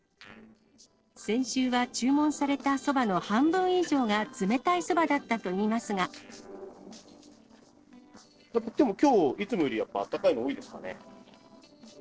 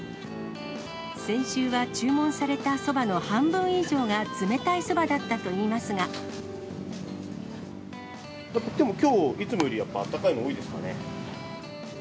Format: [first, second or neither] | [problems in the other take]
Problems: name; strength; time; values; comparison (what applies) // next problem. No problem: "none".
second | noise reduction (neural separator model SepFormer DNS4)